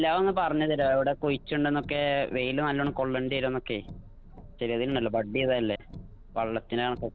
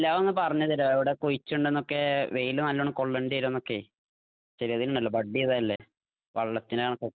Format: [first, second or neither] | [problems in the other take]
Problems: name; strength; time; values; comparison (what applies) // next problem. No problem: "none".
second | background sound (Car); 18 dB below the speech